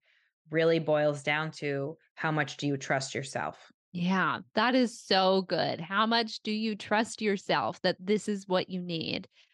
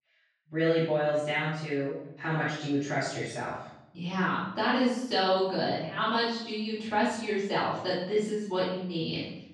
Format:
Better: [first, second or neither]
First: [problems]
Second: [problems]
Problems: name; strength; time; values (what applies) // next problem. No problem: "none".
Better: first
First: none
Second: off-mic speech; far // room echo; noticeable; dies away in 0.7 s